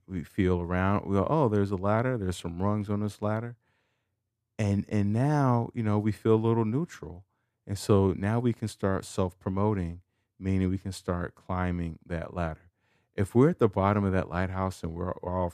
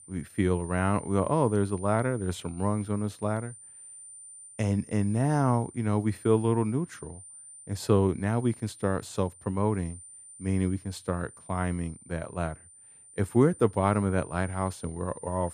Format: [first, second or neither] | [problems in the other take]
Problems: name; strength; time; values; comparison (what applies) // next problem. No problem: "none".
first | high-pitched whine; noticeable; throughout; 9 kHz, 20 dB below the speech